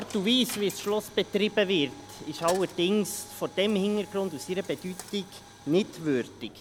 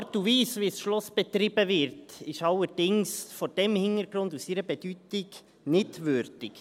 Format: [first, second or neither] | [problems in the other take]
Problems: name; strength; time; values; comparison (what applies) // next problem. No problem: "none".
second | background sound (Coin (dropping)); 17 dB below the speech